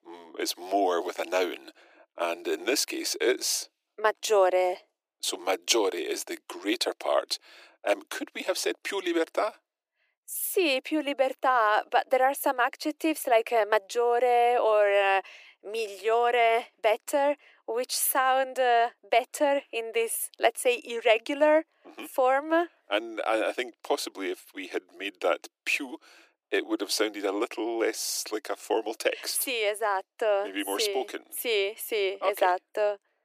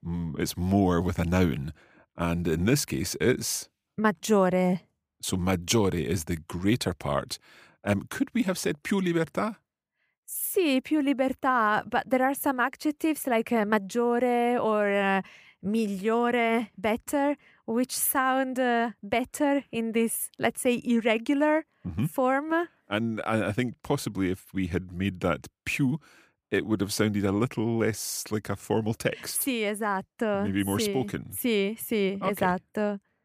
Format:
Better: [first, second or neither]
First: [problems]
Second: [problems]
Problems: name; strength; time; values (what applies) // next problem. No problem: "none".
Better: second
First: thin; very; fading below 300 Hz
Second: none